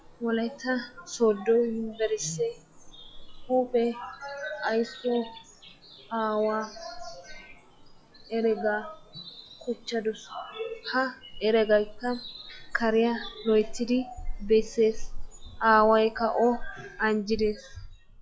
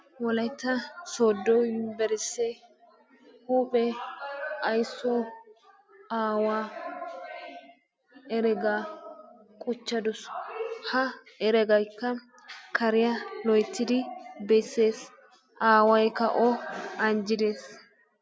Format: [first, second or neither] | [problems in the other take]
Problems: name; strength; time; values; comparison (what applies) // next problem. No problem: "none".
second | noise reduction (classical method log-MMSE)